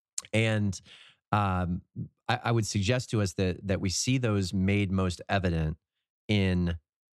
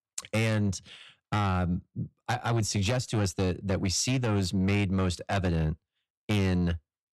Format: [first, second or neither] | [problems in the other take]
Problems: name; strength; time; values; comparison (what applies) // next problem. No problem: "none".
first | distortion; slight; 10 dB below the speech